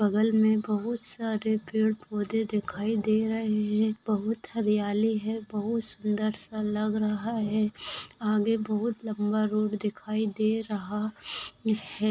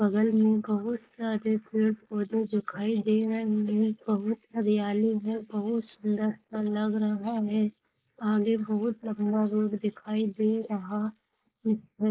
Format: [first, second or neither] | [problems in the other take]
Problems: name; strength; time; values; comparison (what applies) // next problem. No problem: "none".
first | noise reduction (neural mask model Resemble Enhance denoiser)